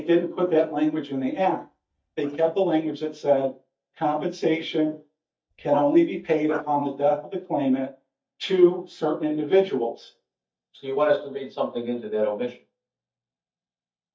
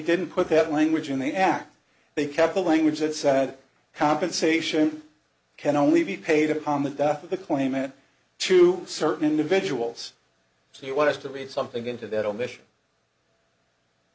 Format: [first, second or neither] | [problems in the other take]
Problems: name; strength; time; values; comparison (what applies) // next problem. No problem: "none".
second | noise reduction (neural mask model DeepFilterNet 3)